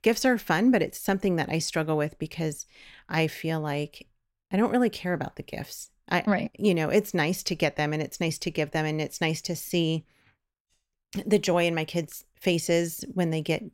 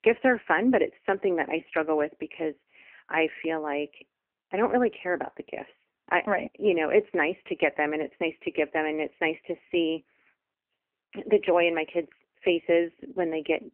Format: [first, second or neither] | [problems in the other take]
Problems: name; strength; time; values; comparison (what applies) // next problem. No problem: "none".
first | phone-call audio; poor line; nothing above 3 kHz